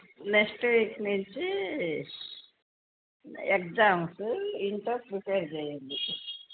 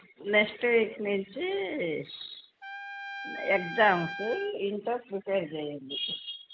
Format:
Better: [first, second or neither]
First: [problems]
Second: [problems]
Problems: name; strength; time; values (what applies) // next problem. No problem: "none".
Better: first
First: none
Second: background sound (Trumpet); 11 dB below the speech